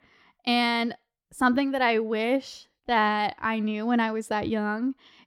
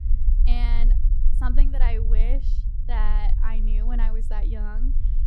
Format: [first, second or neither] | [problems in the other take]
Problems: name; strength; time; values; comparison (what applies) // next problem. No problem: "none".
first | low rumble; loud; throughout; 10 dB below the speech